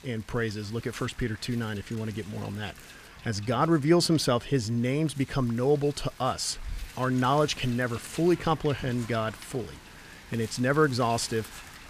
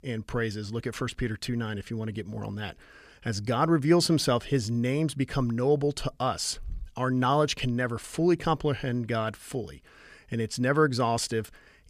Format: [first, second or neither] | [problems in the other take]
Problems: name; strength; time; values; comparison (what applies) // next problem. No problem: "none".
second | wind noise on the microphone; occasional gusts; 15 dB below the speech